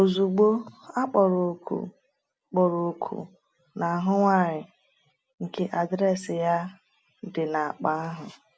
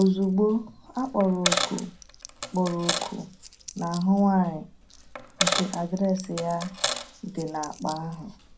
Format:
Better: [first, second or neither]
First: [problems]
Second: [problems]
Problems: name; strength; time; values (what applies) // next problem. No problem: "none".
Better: first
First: none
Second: background sound (Coin (dropping)); 6 dB below the speech // room echo; dies away in 0.2 s